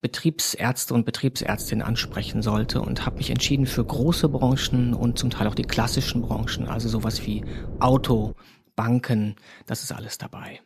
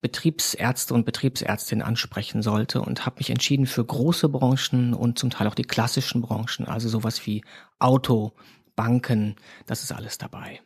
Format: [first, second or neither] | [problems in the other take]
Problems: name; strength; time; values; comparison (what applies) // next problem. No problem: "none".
second | wind noise on the microphone; occasional gusts; from 1.5 to 8.5 s; 15 dB below the speech